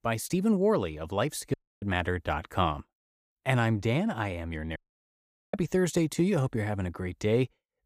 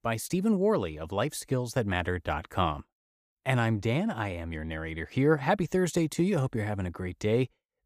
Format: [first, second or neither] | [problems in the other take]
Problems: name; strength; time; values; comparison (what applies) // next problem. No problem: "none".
second | audio cutting out; at 1.5 s and at 5 s for 1 s